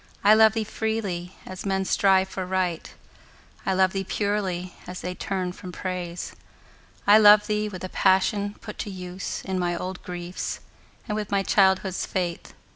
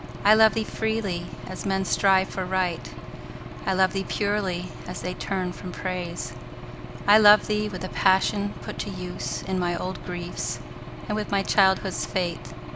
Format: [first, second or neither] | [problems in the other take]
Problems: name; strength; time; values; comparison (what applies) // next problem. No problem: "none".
first | background sound (Engine / Aircraft); 10 dB below the speech